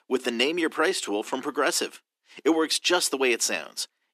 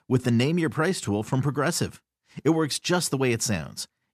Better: second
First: thin; somewhat; fading below 300 Hz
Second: none

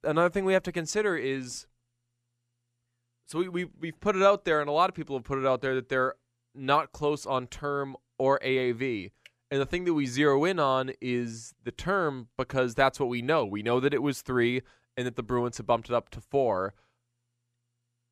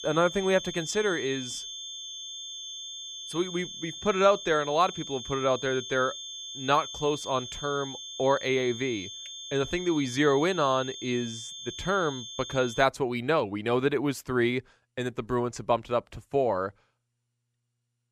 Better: first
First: none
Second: high-pitched whine; loud; until 13 s; 3.5 kHz, 9 dB below the speech

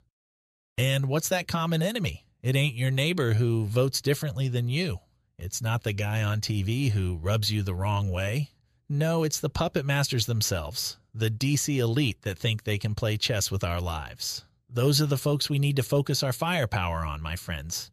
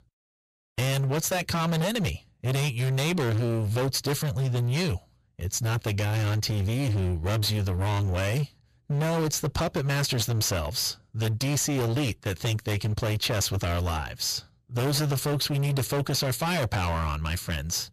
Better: first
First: none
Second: distortion; heavy; 30% of the sound clipped

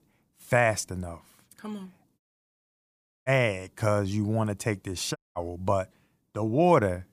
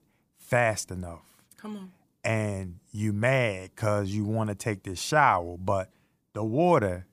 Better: second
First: audio cutting out; at 2 s for 1 s and at 5 s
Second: none

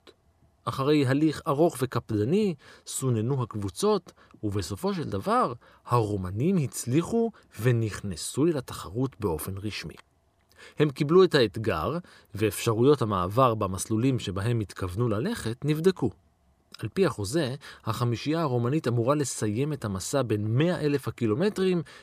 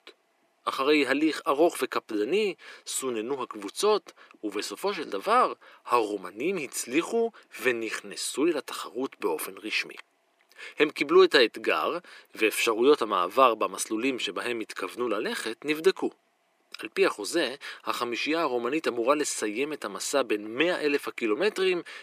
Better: first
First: none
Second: thin; somewhat; fading below 300 Hz

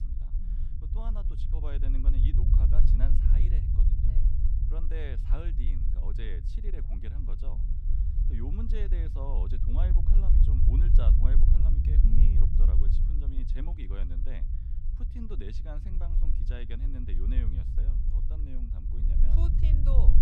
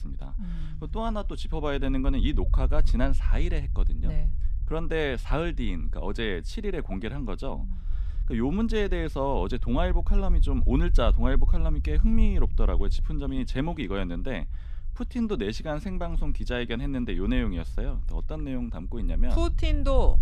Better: second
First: low rumble; loud; throughout; 1 dB below the speech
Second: low rumble; faint; throughout; 20 dB below the speech

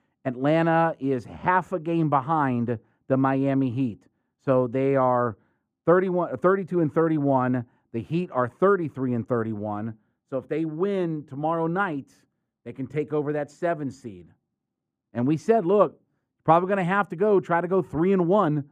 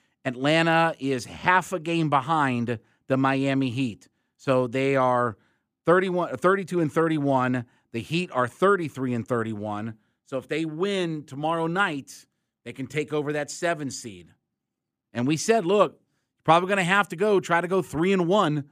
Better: second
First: muffled; very; fading above 2 kHz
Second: none

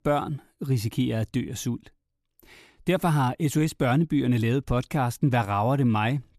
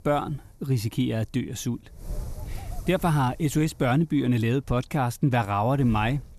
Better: first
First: none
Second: wind noise on the microphone; occasional gusts; 25 dB below the speech

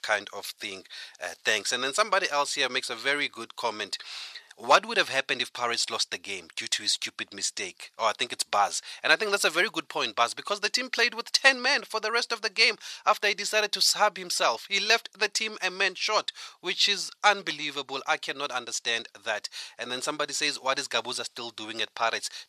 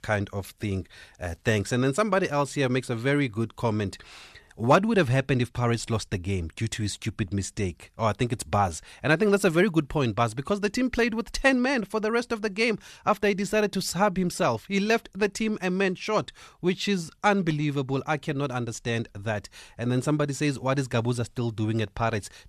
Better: second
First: thin; very; fading below 750 Hz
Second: none

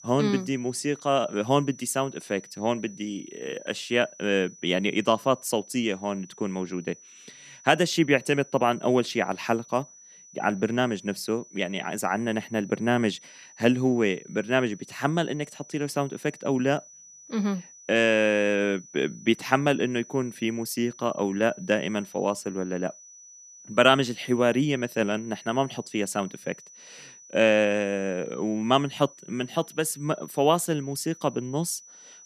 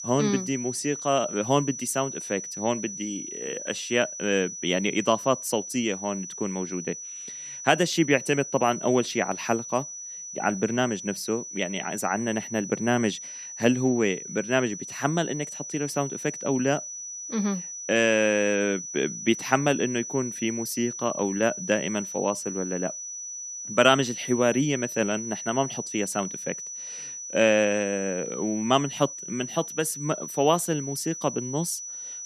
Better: first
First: high-pitched whine; faint; throughout; 6 kHz, 20 dB below the speech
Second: high-pitched whine; loud; throughout; 6 kHz, 8 dB below the speech

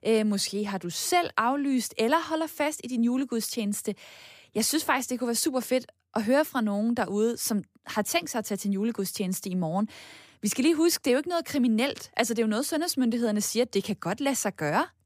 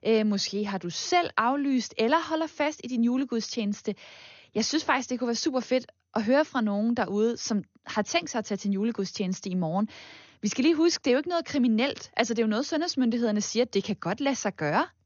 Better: first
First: none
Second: garbled, watery; slightly; nothing above 6.5 kHz

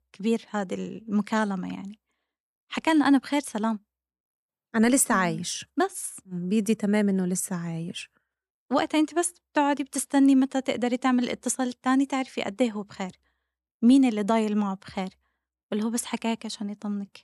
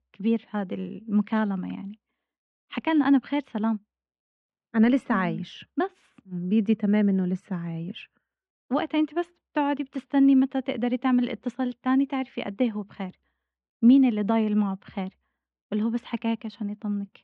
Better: first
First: none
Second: muffled; very; fading above 3 kHz

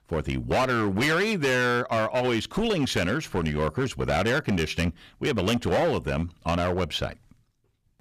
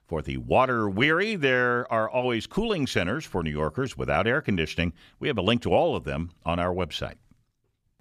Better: second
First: distortion; heavy; 15% of the sound clipped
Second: none

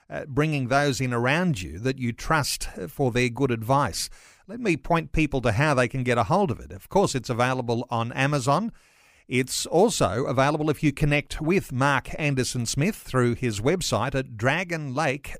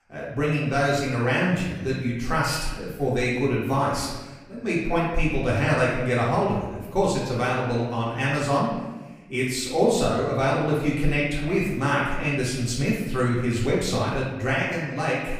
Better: first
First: none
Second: room echo; noticeable; dies away in 1.1 s // off-mic speech; far

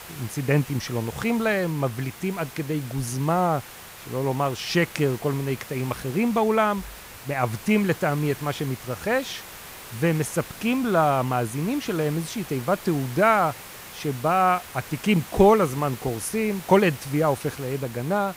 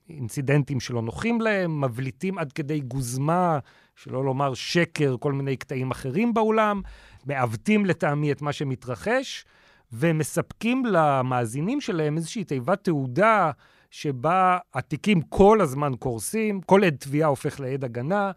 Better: second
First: hiss; noticeable; throughout; 15 dB below the speech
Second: none

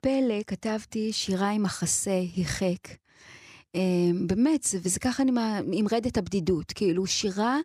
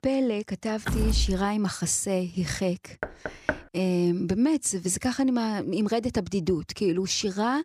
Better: first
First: none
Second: door banging; noticeable; at 1 s and at 3 s; peak level with the speech

